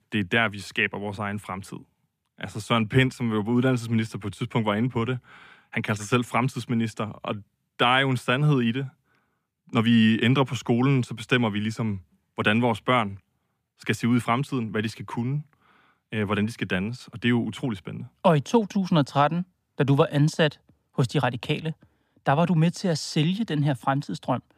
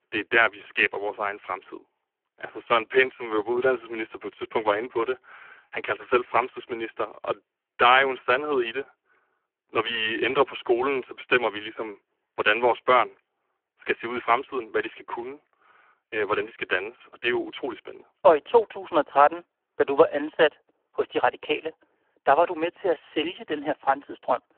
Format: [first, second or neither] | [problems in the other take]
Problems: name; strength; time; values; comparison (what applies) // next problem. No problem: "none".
first | phone-call audio; poor line